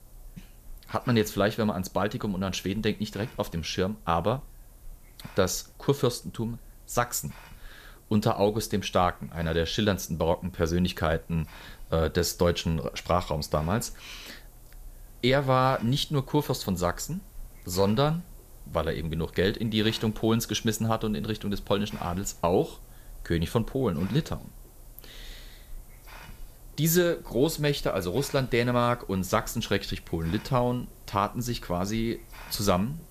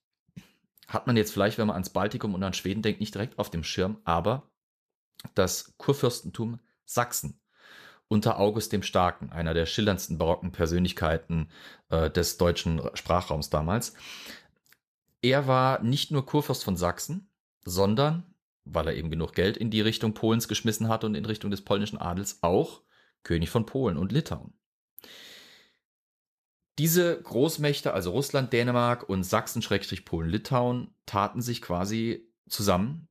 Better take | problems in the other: second | hiss; faint; throughout; 20 dB below the speech

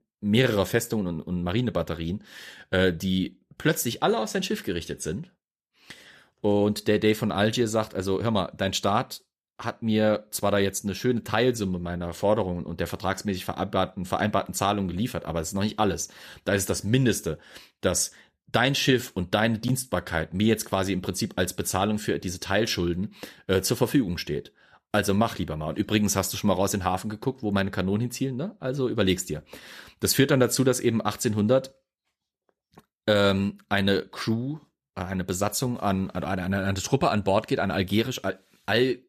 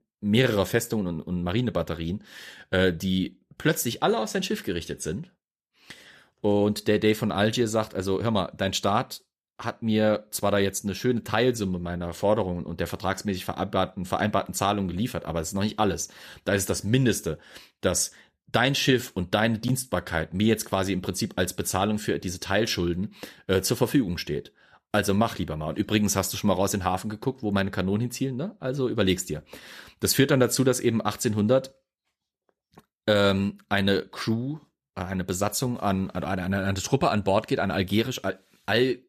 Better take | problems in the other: neither | none

